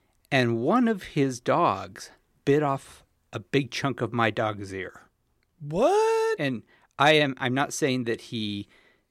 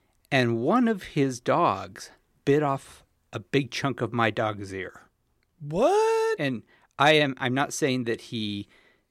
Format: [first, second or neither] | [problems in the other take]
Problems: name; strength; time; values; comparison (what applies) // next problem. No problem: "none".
neither | none